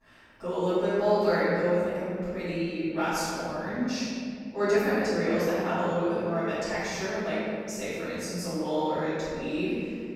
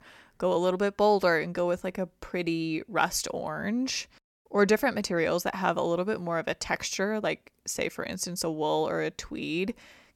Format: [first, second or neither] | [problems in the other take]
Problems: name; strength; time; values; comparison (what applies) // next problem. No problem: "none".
second | off-mic speech; far // room echo; strong; dies away in 2.4 s